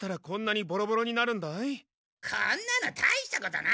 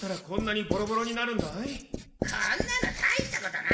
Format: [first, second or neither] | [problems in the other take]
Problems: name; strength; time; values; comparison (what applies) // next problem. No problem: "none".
first | background sound (Writing); 5 dB below the speech // room echo; dies away in 0.8 s